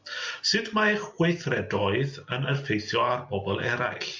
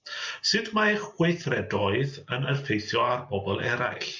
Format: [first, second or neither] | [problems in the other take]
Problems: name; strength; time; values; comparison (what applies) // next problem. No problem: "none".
first | noise reduction (neural mask model Resemble Enhance denoiser)